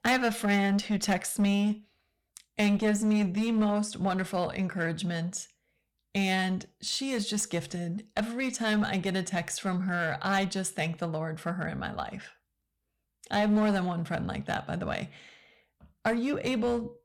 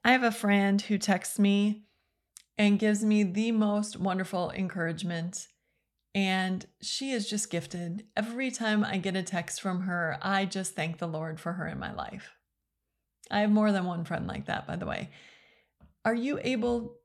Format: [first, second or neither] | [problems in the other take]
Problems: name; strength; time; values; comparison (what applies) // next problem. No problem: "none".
second | distortion; slight; 7% of the sound clipped